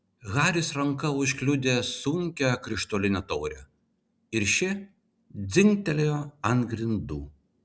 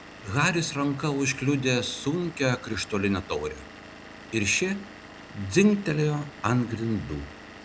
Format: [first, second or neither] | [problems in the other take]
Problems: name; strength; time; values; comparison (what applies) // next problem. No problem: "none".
first | background sound (Engine / Vehicle); 17 dB below the speech